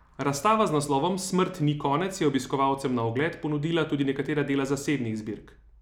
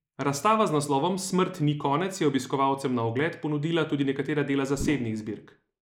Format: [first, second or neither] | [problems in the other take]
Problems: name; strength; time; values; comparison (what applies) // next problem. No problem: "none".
first | noise reduction (neural mask model Resemble Enhance denoiser)